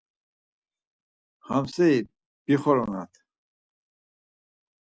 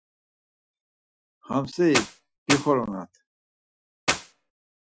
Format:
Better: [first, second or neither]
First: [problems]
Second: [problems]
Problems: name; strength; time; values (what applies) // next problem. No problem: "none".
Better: first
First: none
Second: noise reduction (classical method Wiener filter)